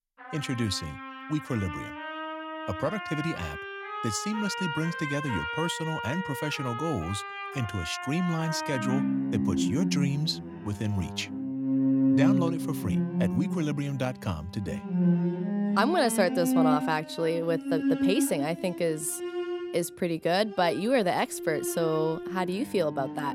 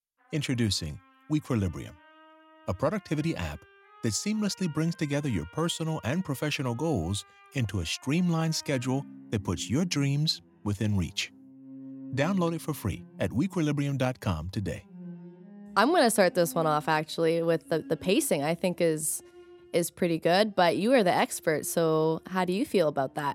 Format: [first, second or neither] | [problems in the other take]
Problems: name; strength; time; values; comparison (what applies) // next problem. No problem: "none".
second | background music; loud; throughout; 1 dB below the speech; faint in the second